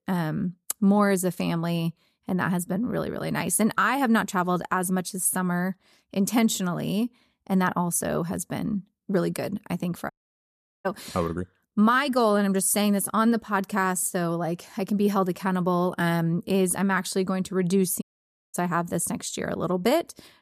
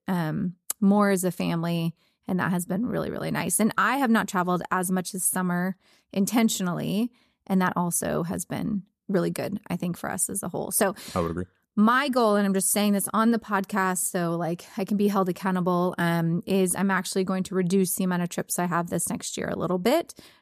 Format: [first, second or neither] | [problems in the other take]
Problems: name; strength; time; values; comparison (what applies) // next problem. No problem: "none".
second | audio cutting out; at 10 s for 0.5 s and at 18 s for 0.5 s